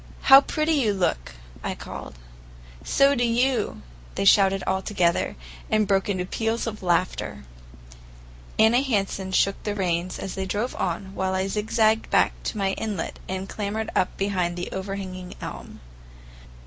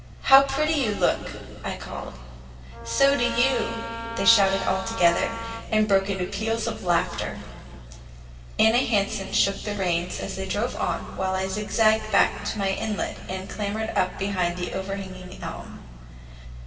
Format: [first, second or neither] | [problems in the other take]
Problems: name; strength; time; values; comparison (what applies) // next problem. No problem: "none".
first | background sound (Wind instrument, woodwind instrument); 9 dB below the speech // room echo; dies away in 2.4 s